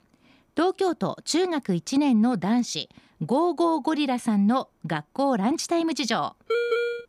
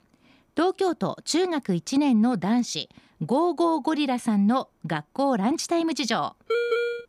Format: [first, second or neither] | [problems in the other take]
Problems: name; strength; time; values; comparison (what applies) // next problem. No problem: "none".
neither | none